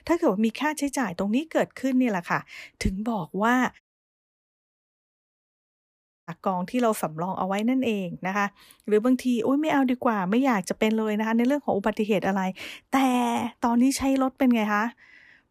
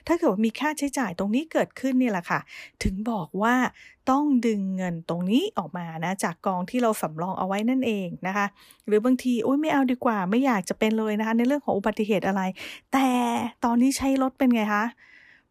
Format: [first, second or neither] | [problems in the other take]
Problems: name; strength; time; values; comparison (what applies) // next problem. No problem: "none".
second | audio cutting out; at 4 s for 2.5 s